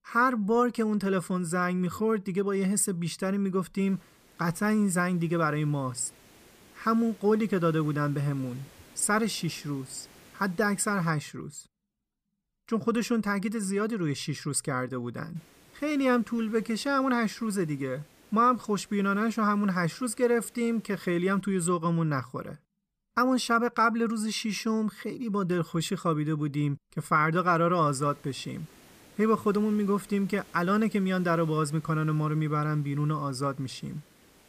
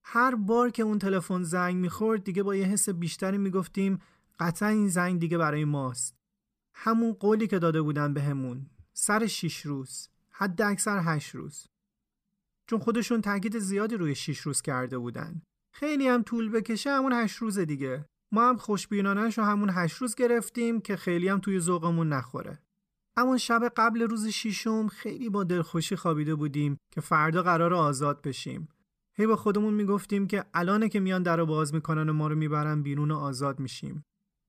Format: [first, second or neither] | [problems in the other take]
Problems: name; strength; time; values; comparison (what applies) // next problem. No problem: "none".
second | hiss; faint; from 4 to 11 s, from 15 to 21 s and from 28 s on; 25 dB below the speech